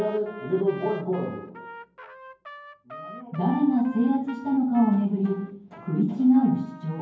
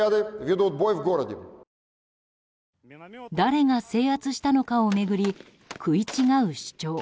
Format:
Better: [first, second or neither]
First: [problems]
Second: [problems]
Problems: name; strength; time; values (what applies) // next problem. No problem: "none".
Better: second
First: background sound (Trumpet); 19 dB below the speech // room echo; dies away in 0.9 s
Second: none